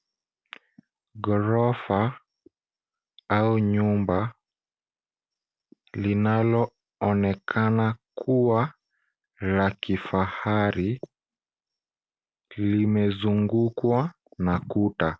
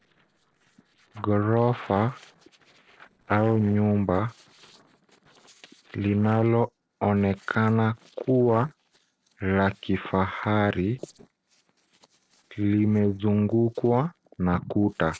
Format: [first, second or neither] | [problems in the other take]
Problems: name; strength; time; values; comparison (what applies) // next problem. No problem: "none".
first | noise reduction (neural separator model SepFormer DNS4)